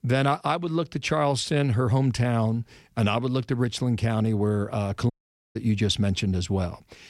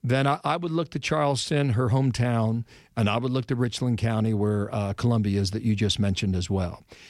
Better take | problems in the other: second | audio cutting out; at 5 s

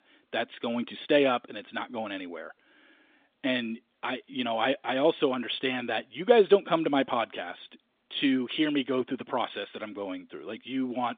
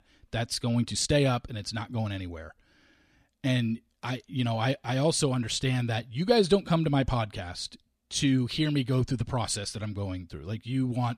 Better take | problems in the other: second | phone-call audio; nothing above 3.5 kHz

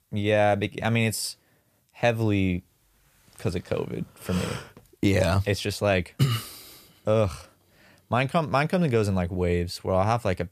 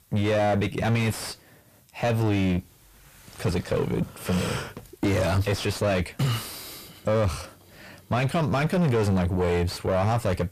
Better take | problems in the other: first | distortion; heavy; 6 dB below the speech

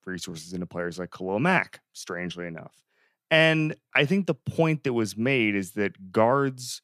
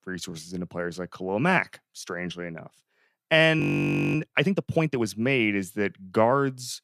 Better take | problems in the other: first | audio freezing; at 3.5 s for 0.5 s

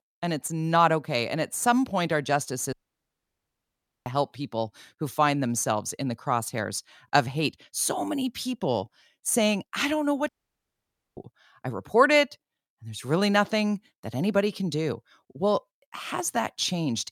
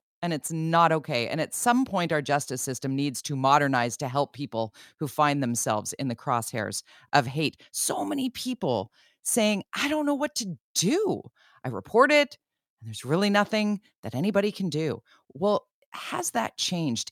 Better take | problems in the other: second | audio cutting out; at 2.5 s for 1.5 s and at 10 s for 1 s

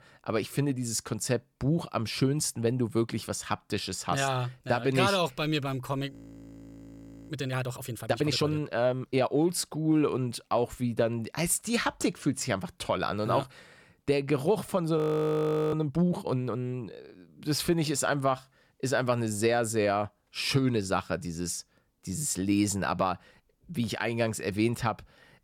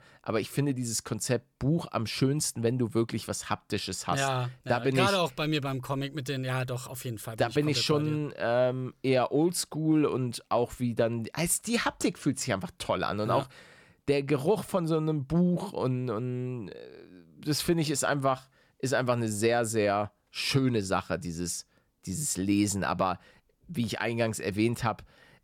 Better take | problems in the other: second | audio freezing; at 6 s for 1 s and at 15 s for 0.5 s

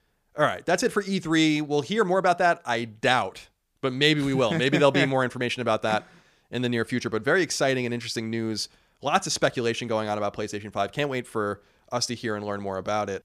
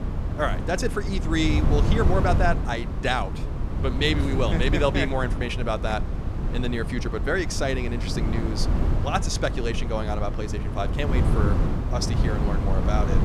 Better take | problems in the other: first | wind noise on the microphone; heavy; 7 dB below the speech

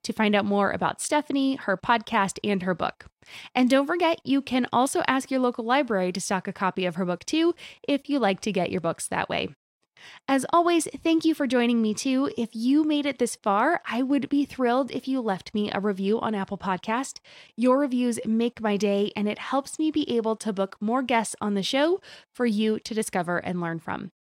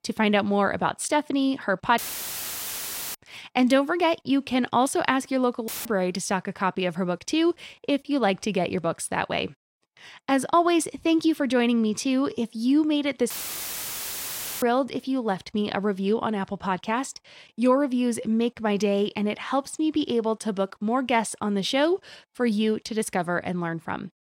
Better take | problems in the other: first | audio cutting out; filled with static; at 2 s for 1 s, at 5.5 s and at 13 s for 1.5 s

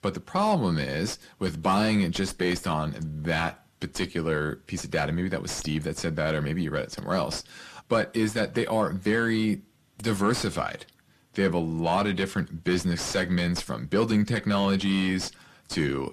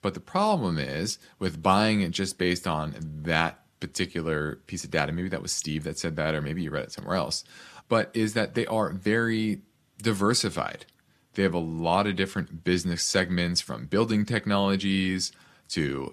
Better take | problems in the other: second | distortion; slight; 9 dB below the speech

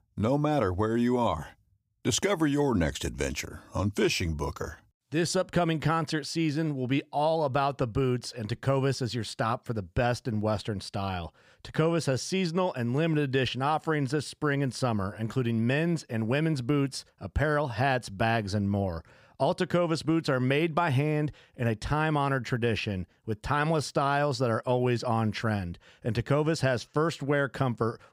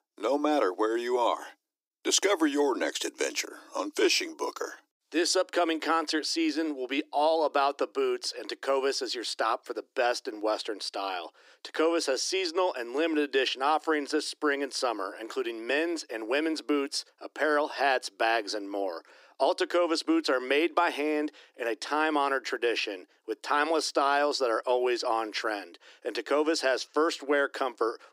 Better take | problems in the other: first | thin; somewhat; fading below 300 Hz

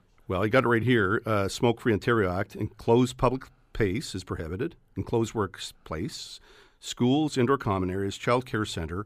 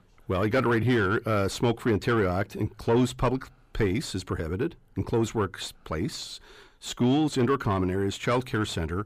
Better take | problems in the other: first | distortion; slight; 10 dB below the speech

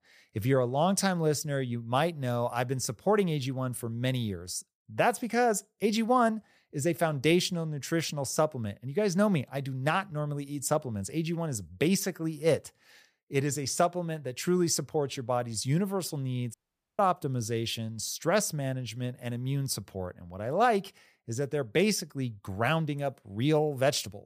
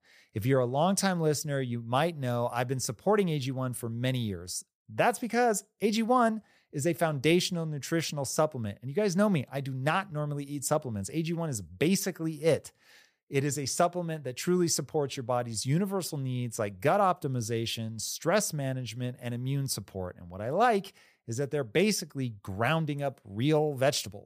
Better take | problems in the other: second | audio cutting out; at 17 s

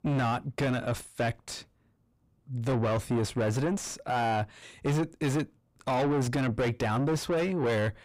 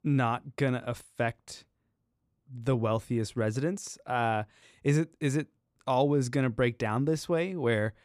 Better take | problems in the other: second | distortion; heavy; 5 dB below the speech

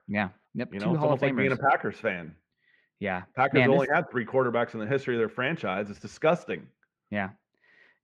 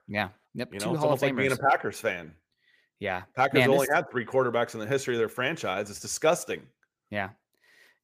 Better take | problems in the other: second | muffled; slightly; fading above 2.5 kHz

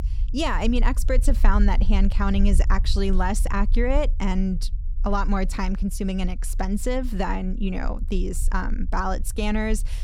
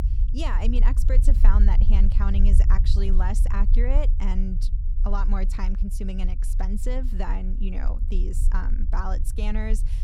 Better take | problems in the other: first | low rumble; loud; throughout; 10 dB below the speech; faint in the first

